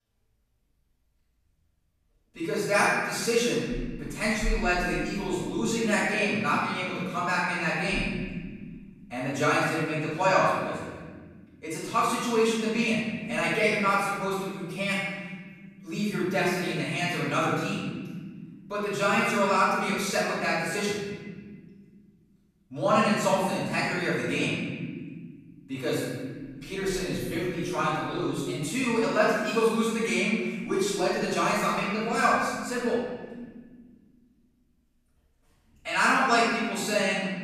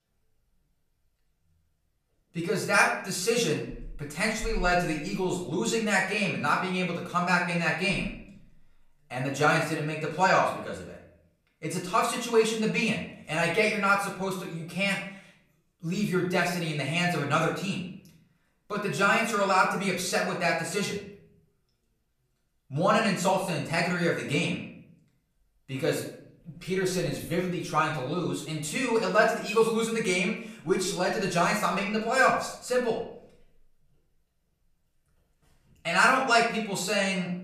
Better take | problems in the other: second | room echo; strong; dies away in 1.8 s; slight in the second // off-mic speech; far; far in the second

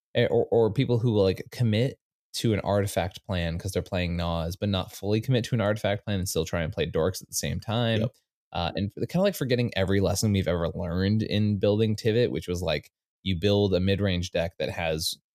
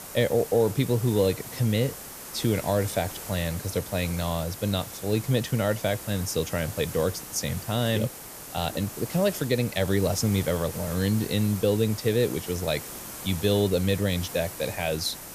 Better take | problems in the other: first | hiss; noticeable; throughout; 10 dB below the speech

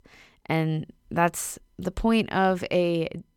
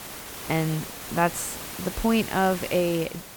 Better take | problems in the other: first | hiss; loud; throughout; 9 dB below the speech

